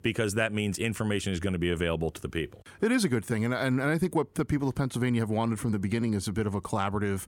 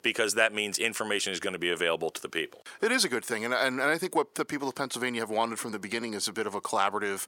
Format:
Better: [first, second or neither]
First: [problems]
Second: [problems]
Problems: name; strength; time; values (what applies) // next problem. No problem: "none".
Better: first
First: none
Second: thin; somewhat; fading below 500 Hz